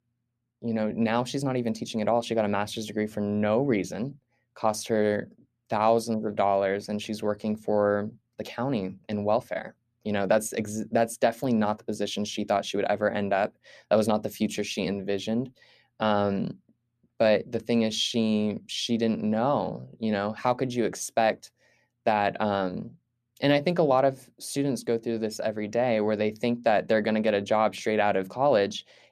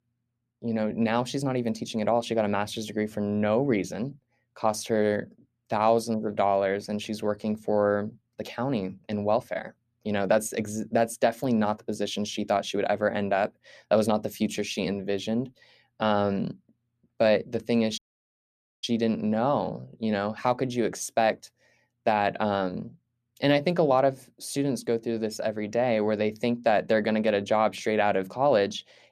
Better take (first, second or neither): first